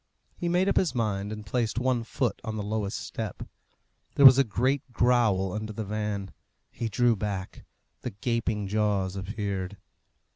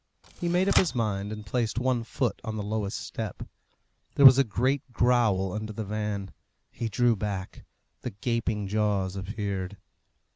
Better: first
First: none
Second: background sound (Typewriter); 13 dB below the speech

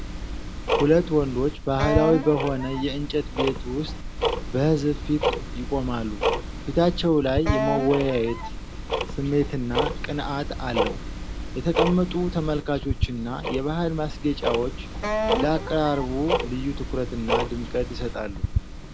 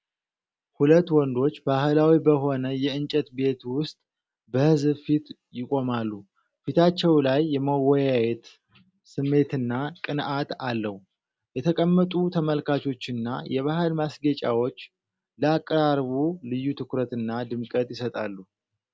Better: second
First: background sound (Wind instrument, woodwind instrument + Tick-tock); 2 dB below the speech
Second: none

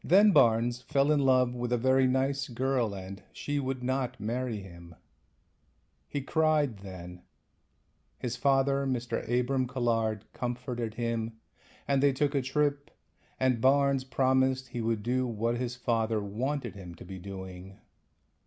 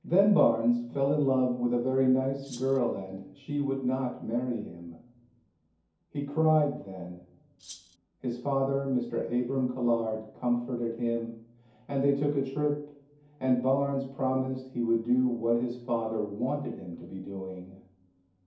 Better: first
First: none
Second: background sound (Rattle (instrument)); 18 dB below the speech // room echo; dies away in 0.6 s

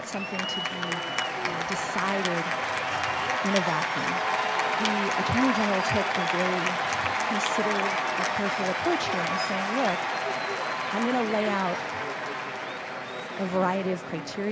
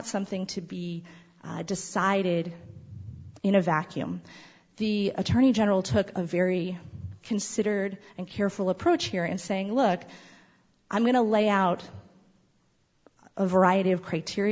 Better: second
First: background sound (Applause / Cheering); 3 dB above the speech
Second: none

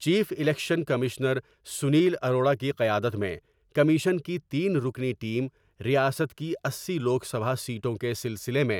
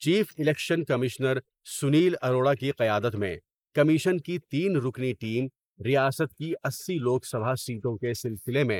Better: first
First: none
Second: noise reduction (neural mask model Resemble Enhance denoiser)

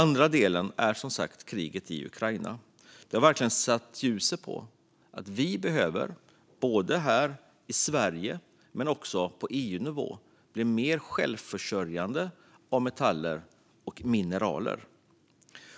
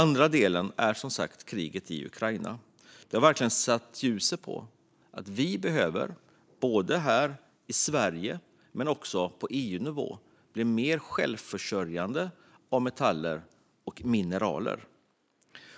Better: first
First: none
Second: noise reduction (neural mask model Resemble Enhance denoiser)

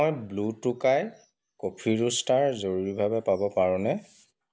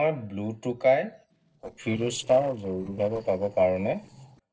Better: first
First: none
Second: noise reduction (neural separator model SepFormer DNS4)

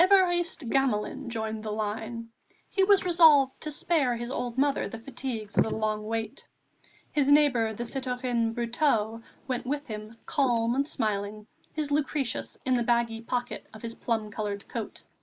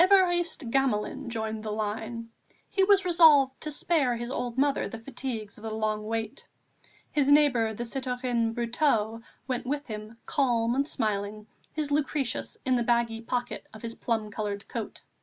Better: second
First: noise reduction (neural mask model Resemble Enhance denoiser)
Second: none

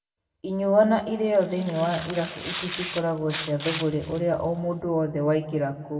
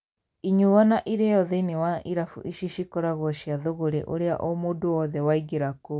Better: second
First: background sound (Tearing); 12 dB below the speech // room echo; dies away in 1.3 s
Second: none

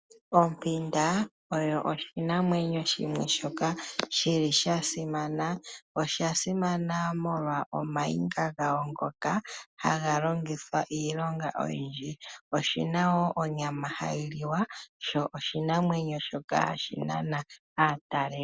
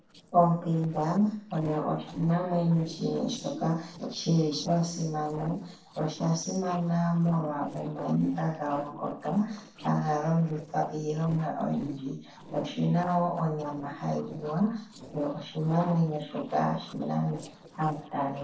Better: first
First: none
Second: noise reduction (neural separator model SepFormer DNS4)

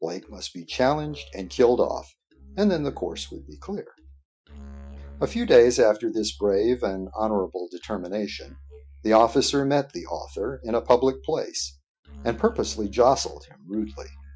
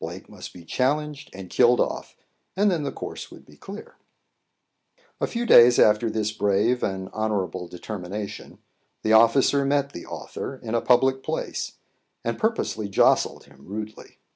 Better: second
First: noise reduction (classical method Wiener filter)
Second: none

